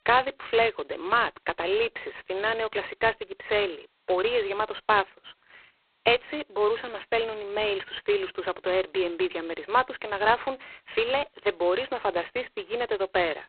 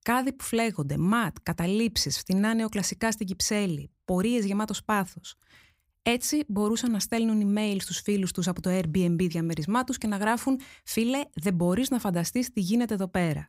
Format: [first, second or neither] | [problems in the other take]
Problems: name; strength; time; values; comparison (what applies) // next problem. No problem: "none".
second | phone-call audio; poor line; nothing above 4 kHz